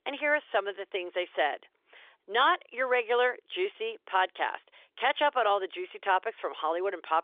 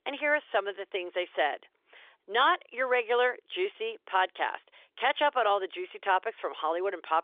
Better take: neither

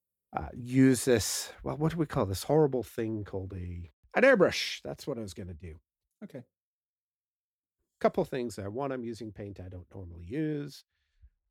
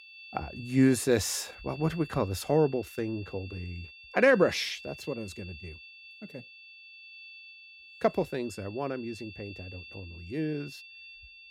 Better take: first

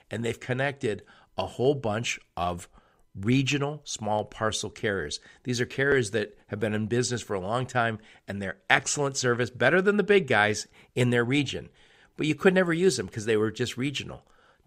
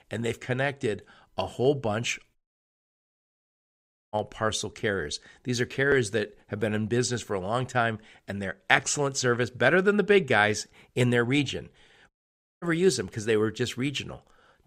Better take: first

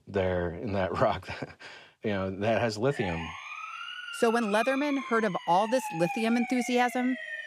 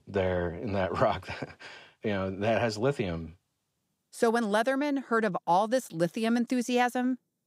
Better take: second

